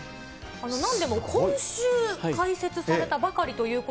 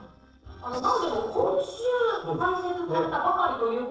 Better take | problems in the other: first | noise reduction (neural separator model SepFormer DNS4)

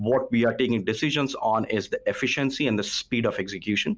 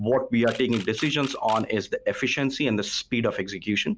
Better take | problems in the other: first | background sound (Camera); 17 dB below the speech

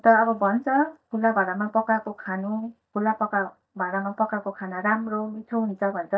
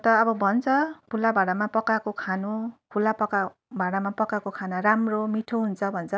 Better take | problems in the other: second | noise reduction (neural mask model DeepFilterNet 3)

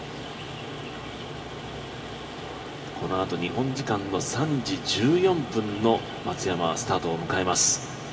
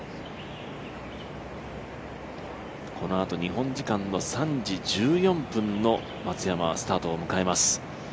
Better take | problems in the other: second | background sound (Rain); 18 dB below the speech // room echo; dies away in 1.7 s

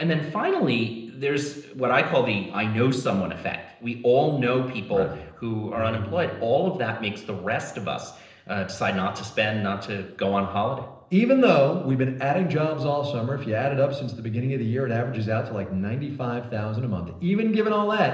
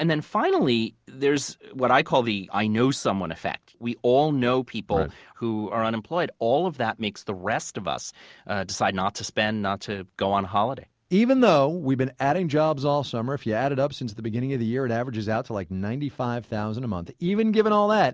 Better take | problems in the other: second | noise reduction (neural separator model SepFormer DNS4)

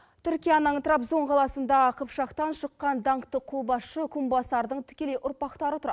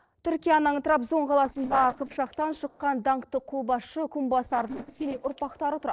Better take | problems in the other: first | noise reduction (neural separator model SepFormer DNS4)

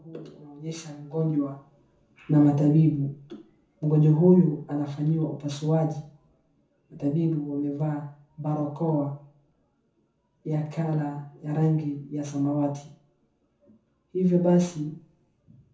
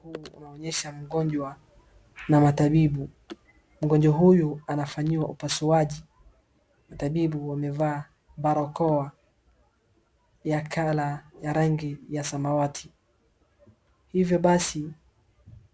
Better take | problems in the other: second | room echo; dies away in 0.7 s

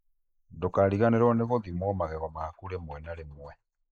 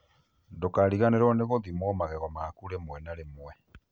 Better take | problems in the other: second | noise reduction (neural mask model Resemble Enhance denoiser)

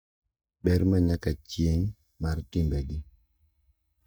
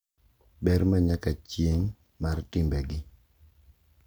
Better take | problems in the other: second | noise reduction (neural mask model DeepFilterNet 3)

